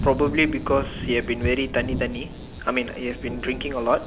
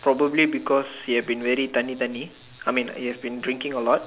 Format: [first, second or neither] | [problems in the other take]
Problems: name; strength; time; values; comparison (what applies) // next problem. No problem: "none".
second | background sound (Thunder / Rain); 7 dB below the speech